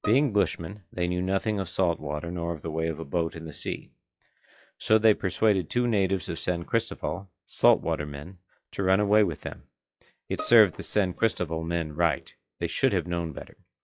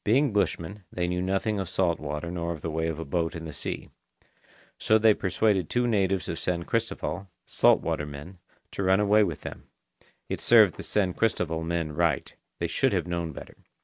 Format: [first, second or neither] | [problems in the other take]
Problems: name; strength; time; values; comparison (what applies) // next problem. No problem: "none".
second | noise reduction (classical method log-MMSE)